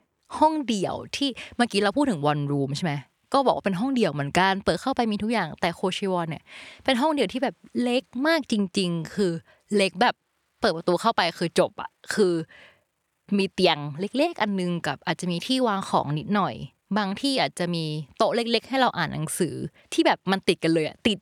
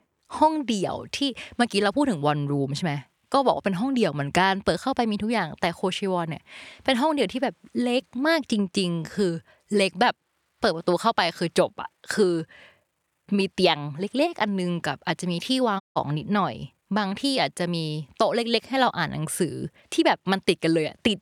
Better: first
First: none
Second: audio cutting out; at 16 s

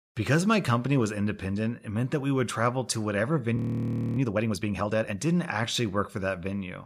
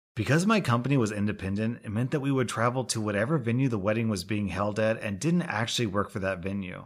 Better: second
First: audio freezing; at 3.5 s for 0.5 s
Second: none

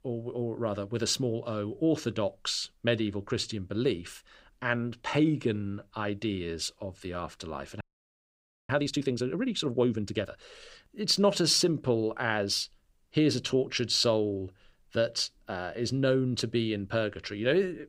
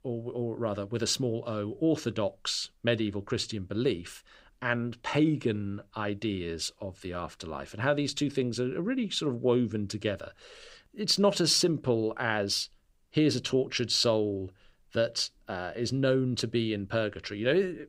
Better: second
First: audio freezing; at 8 s for 1 s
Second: none

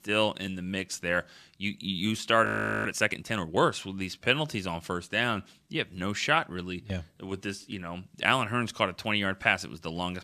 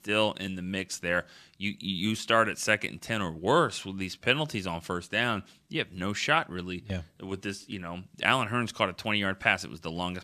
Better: second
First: audio freezing; at 2.5 s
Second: none

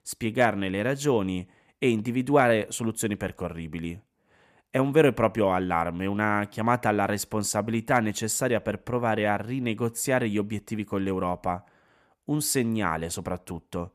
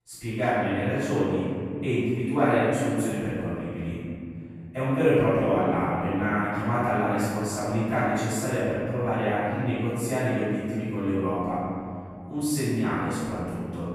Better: first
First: none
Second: room echo; strong; dies away in 2.9 s // off-mic speech; far

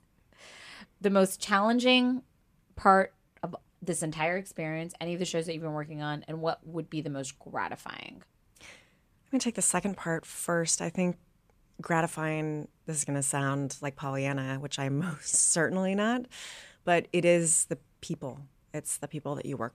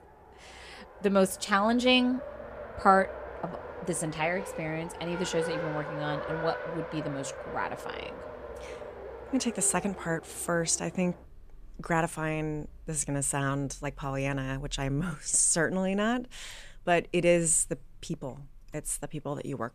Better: first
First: none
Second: traffic noise; noticeable; throughout; 10 dB below the speech

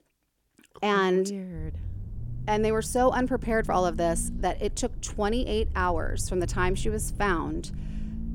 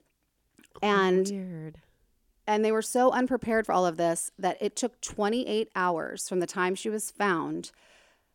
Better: second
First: low rumble; faint; from 1.5 s on; 20 dB below the speech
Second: none

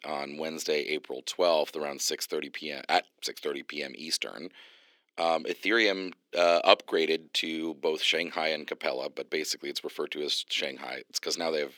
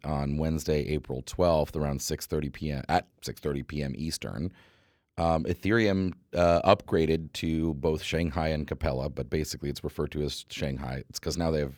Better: second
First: thin; somewhat; fading below 300 Hz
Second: none

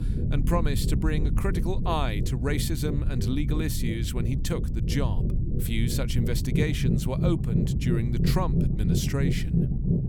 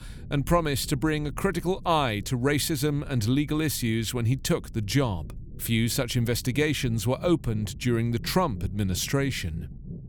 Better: second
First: low rumble; loud; throughout; 4 dB below the speech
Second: low rumble; faint; throughout; 25 dB below the speech

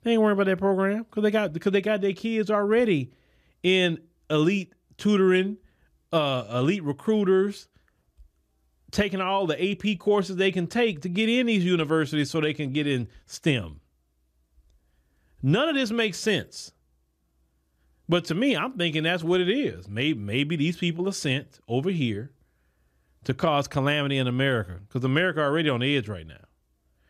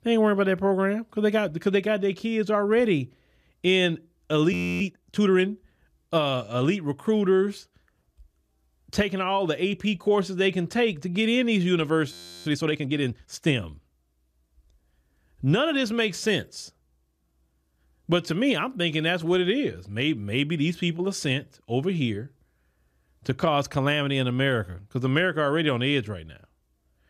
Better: first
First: none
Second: audio freezing; at 4.5 s and at 12 s

